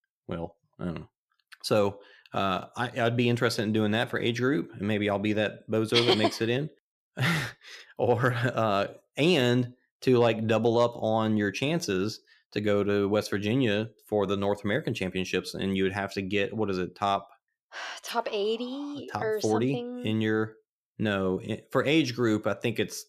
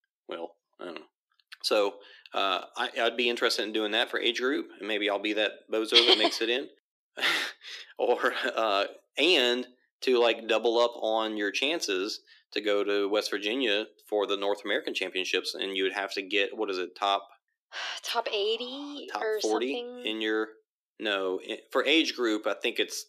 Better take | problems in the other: first | thin; somewhat; fading below 300 Hz

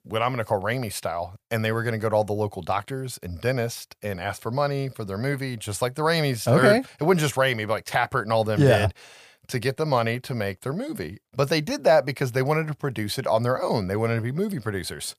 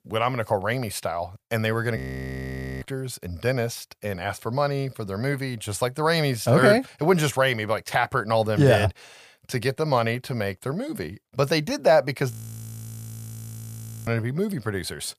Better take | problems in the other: first | audio freezing; at 2 s for 1 s and at 12 s for 2 s

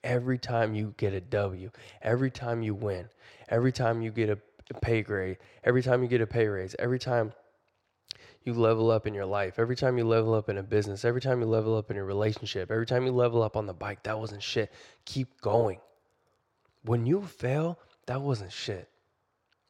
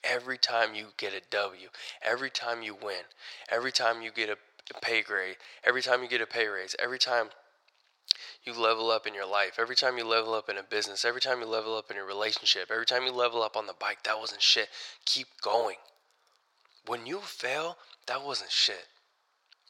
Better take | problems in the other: first | thin; very; fading below 900 Hz

